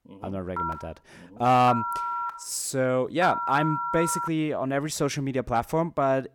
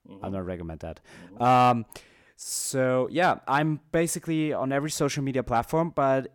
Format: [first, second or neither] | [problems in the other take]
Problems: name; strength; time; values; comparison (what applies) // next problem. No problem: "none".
second | phone ringing; noticeable; from 0.5 to 4.5 s; peak 3 dB below the speech